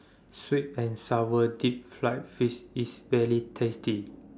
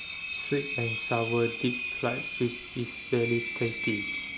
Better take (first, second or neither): first